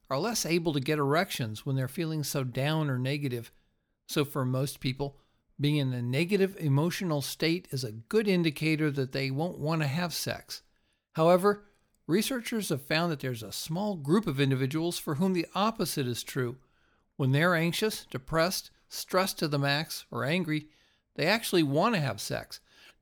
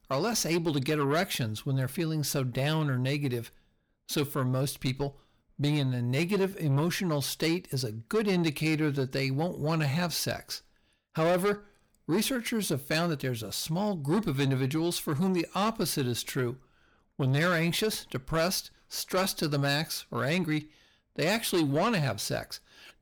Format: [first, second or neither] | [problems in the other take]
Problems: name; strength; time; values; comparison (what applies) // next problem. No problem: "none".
first | distortion; slight; 10 dB below the speech